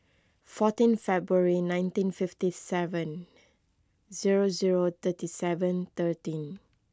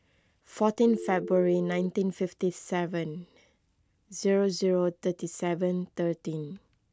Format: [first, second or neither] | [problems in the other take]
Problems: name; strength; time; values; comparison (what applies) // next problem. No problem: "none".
first | background sound (Telephone); 8 dB below the speech